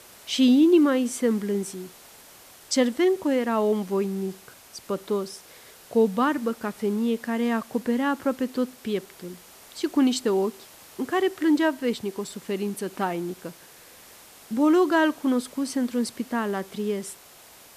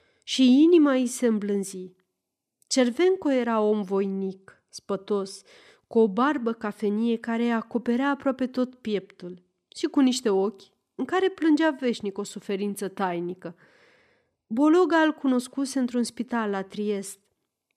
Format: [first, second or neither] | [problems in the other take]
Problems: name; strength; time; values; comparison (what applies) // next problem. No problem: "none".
second | hiss; faint; throughout; 20 dB below the speech